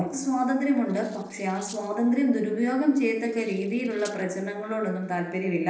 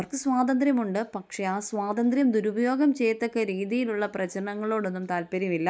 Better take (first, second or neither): second